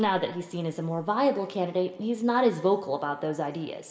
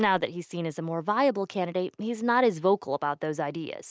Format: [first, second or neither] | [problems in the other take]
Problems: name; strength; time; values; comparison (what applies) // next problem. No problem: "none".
second | room echo; dies away in 2.9 s